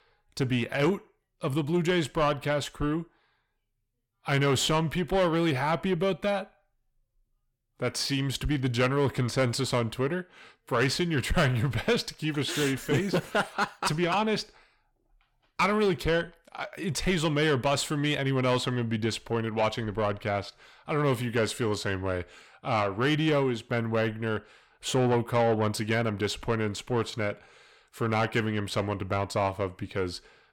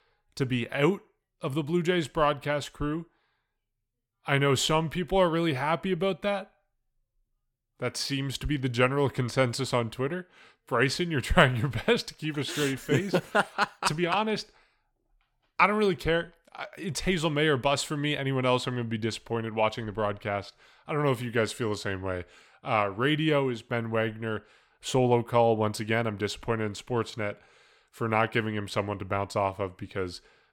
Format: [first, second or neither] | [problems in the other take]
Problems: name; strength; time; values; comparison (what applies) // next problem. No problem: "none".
second | distortion; slight; 10 dB below the speech